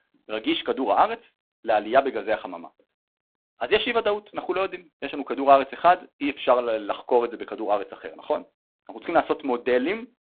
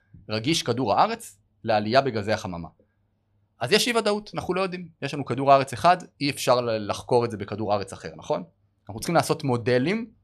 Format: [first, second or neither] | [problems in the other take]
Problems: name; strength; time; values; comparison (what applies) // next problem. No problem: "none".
second | phone-call audio; poor line